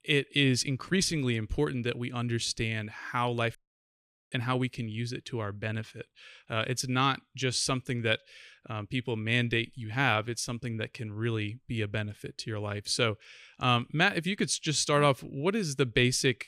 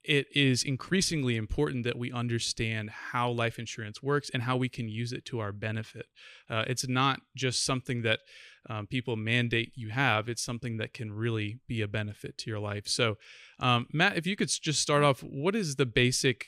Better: second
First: audio cutting out; at 3.5 s for 1 s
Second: none

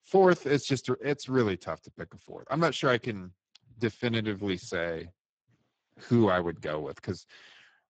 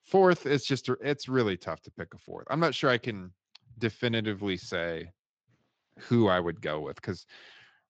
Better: second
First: garbled, watery; badly; nothing above 7.5 kHz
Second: garbled, watery; slightly; nothing above 7.5 kHz

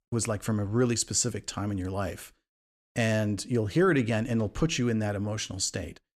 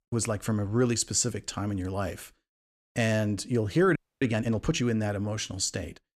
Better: first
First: none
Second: audio freezing; at 4 s

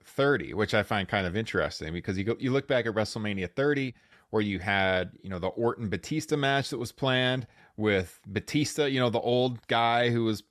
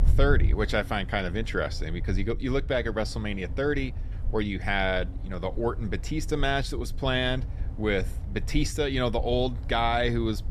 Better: first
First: none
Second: wind noise on the microphone; occasional gusts; 20 dB below the speech

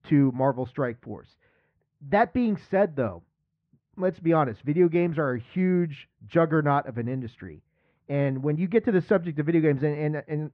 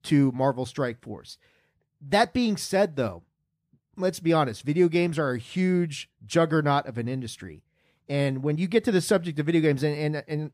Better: second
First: muffled; very; fading above 2 kHz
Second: none

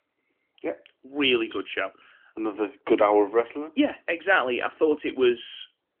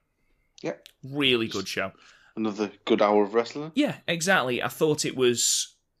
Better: second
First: phone-call audio; nothing above 3 kHz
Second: none

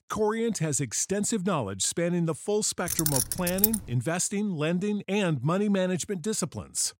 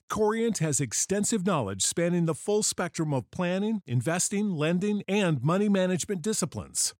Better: second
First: jangling keys; loud; at 3 s; peak 3 dB above the speech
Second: none

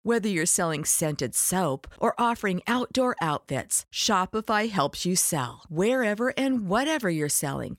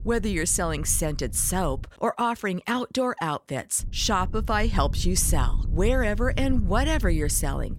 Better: first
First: none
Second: wind noise on the microphone; occasional gusts; until 2 s and from 4 s on; 20 dB below the speech

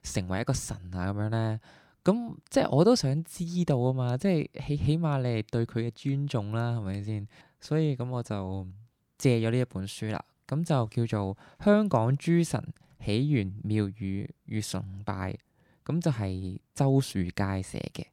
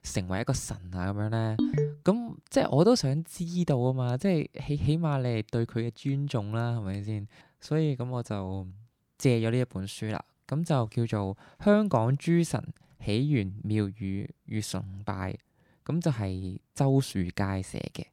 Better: first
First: none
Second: phone ringing; loud; at 1.5 s; peak 1 dB above the speech

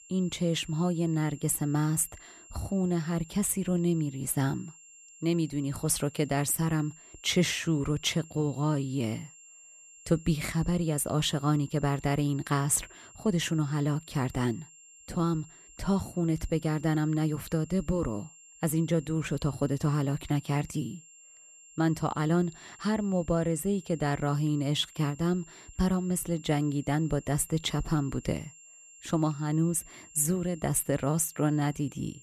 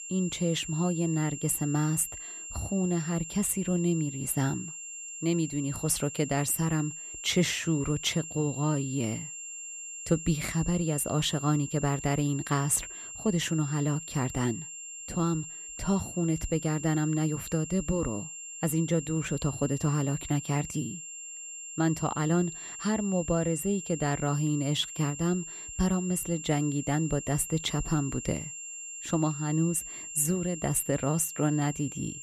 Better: first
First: high-pitched whine; faint; throughout; 7.5 kHz, 20 dB below the speech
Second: high-pitched whine; loud; throughout; 7.5 kHz, 9 dB below the speech

